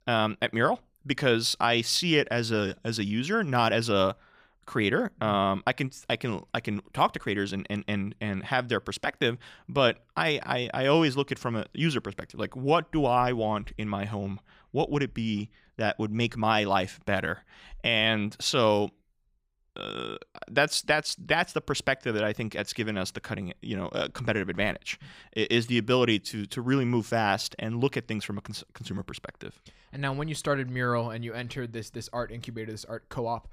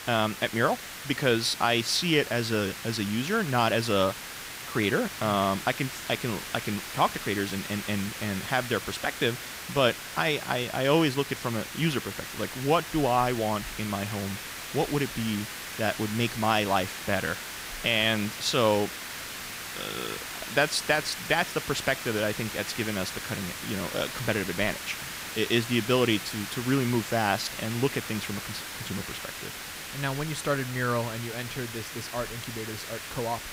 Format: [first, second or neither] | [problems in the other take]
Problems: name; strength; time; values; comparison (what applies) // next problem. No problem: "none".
first | hiss; loud; throughout; 8 dB below the speech